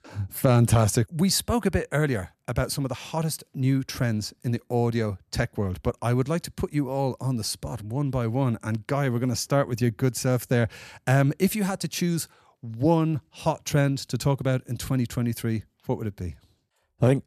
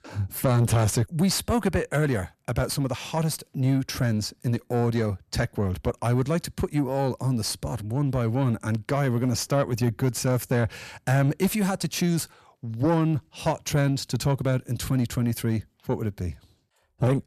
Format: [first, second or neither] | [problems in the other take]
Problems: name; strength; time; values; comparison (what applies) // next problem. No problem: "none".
first | distortion; slight; 10 dB below the speech